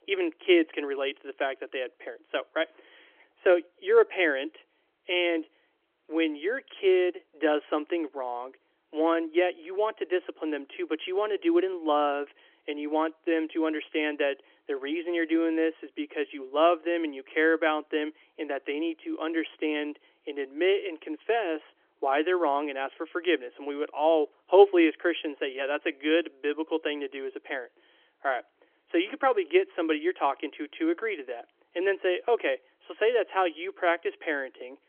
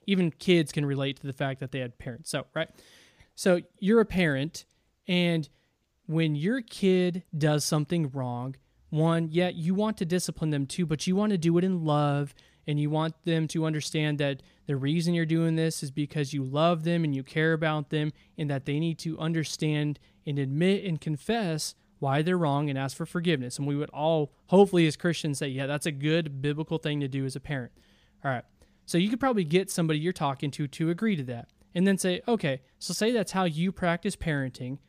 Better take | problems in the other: second | phone-call audio; nothing above 3.5 kHz

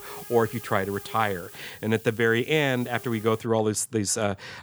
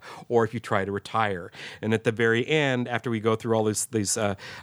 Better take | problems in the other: second | hiss; noticeable; until 3.5 s; 15 dB below the speech

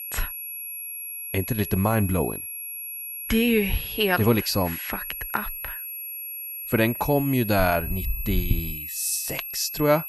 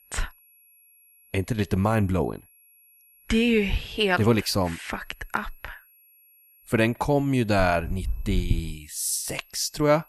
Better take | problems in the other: second | high-pitched whine; loud; throughout; 11.5 kHz, 7 dB below the speech; faint in the second

